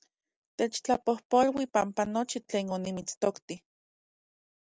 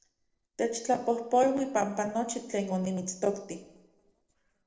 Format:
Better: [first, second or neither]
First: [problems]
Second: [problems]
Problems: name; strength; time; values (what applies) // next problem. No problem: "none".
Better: first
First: none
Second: noise reduction (neural separator model SepFormer DNS4)